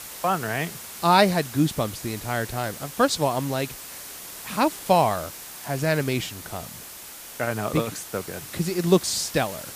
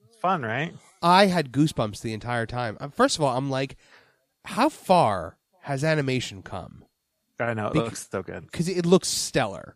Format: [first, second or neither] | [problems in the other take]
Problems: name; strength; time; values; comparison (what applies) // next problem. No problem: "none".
second | hiss; noticeable; throughout; 10 dB below the speech